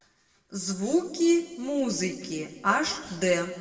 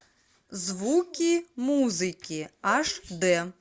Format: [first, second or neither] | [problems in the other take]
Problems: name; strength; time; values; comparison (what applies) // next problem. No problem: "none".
second | room echo; dies away in 1.5 s